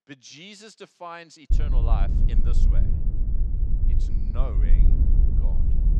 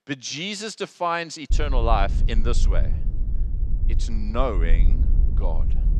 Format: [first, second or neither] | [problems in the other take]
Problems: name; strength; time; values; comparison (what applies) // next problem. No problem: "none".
second | wind noise on the microphone; heavy; from 1.5 s on; 3 dB below the speech; occasional gusts in the second